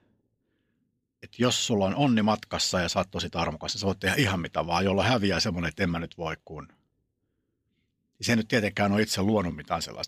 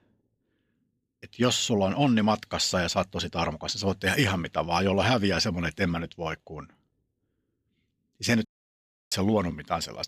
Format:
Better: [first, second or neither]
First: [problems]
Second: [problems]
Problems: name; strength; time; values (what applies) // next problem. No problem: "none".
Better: first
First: none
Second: audio cutting out; at 8.5 s for 0.5 s